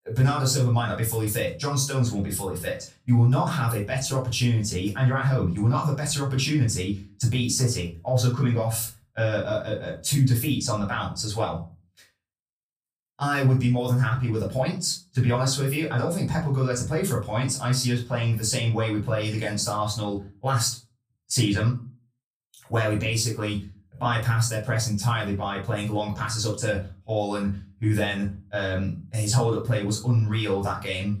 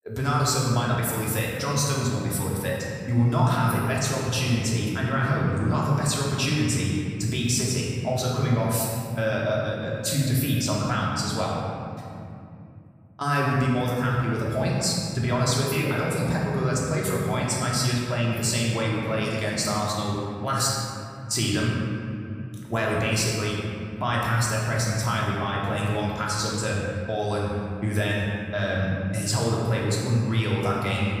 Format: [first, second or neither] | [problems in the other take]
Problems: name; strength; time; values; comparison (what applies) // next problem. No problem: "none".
first | room echo; strong; dies away in 2.7 s; slight in the first // off-mic speech; far; far in the first